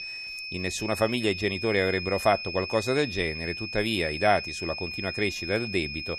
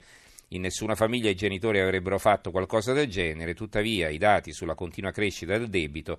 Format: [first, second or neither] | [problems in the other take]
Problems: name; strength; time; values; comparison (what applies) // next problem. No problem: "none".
second | high-pitched whine; loud; throughout; 2.5 kHz, 6 dB below the speech